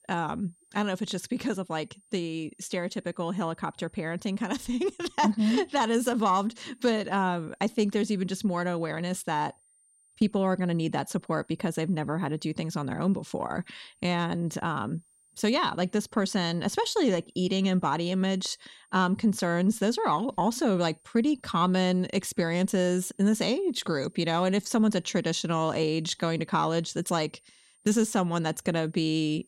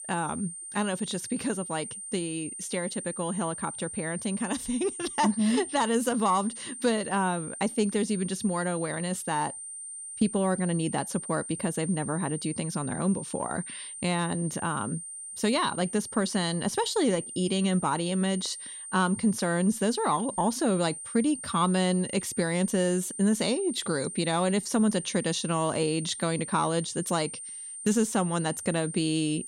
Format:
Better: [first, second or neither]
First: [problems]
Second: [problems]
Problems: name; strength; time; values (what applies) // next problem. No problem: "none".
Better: first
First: high-pitched whine; faint; throughout; 9 kHz, 35 dB below the speech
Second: high-pitched whine; loud; throughout; 9 kHz, 9 dB below the speech